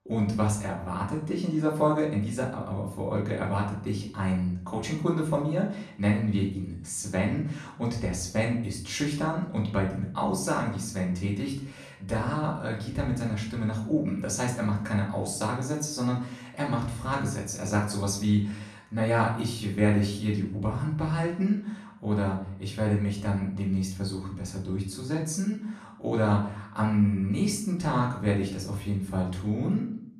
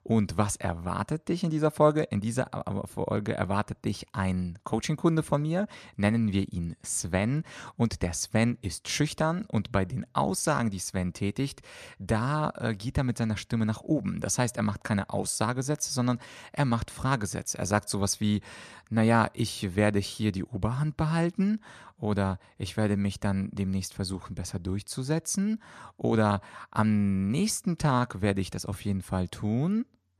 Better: second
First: off-mic speech; far // room echo; slight; dies away in 0.5 s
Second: none

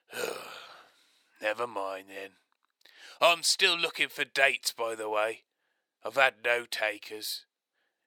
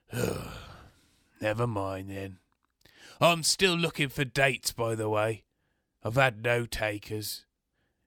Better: second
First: thin; very; fading below 550 Hz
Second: none

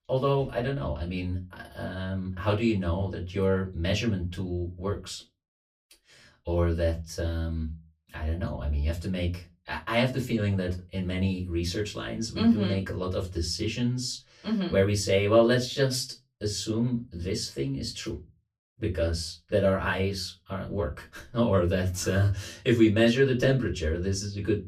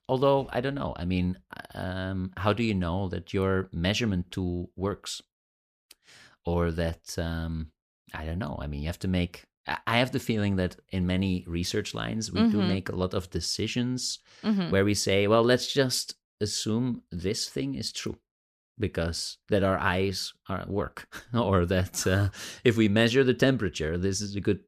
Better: second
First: off-mic speech; far // room echo; very slight; dies away in 0.2 s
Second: none

